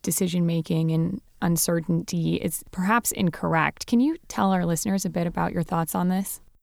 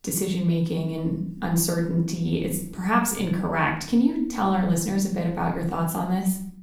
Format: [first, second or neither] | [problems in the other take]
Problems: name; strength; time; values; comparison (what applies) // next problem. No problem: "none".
first | room echo; slight; dies away in 0.5 s // off-mic speech; somewhat distant